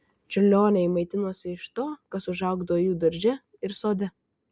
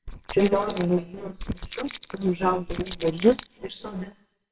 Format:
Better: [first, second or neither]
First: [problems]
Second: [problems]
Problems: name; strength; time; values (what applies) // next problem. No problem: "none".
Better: first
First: none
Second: noise reduction (neural separator model SepFormer WHAMR!)